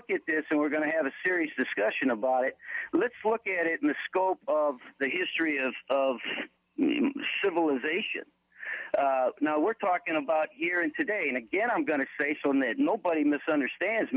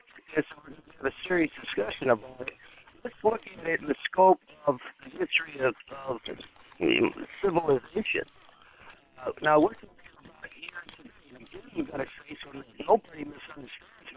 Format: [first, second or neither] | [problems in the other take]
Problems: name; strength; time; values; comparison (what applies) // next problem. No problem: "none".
first | noise reduction (neural separator model SepFormer WHAM!)